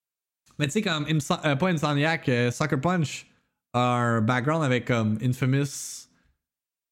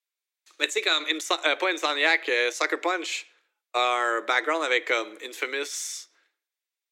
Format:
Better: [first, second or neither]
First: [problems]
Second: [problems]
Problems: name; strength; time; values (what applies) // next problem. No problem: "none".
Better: first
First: none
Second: thin; very; fading below 300 Hz